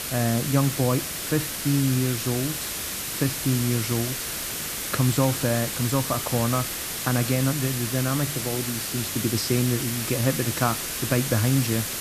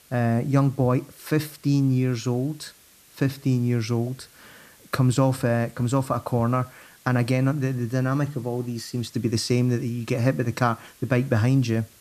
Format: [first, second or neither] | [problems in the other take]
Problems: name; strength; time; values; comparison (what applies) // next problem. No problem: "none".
second | hiss; loud; throughout; 2 dB below the speech; faint in the second